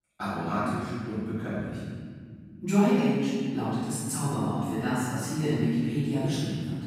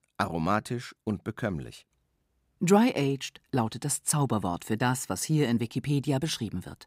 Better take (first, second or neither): second